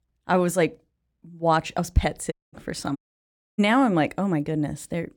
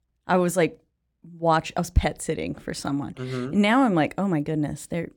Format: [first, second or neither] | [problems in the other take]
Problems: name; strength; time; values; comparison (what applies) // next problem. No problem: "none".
second | audio cutting out; at 2.5 s and at 3 s for 0.5 s